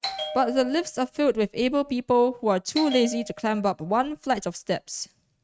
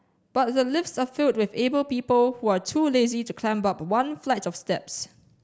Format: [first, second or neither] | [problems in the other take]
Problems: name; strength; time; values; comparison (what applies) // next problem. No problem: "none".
second | noise reduction (neural mask model RNNoise)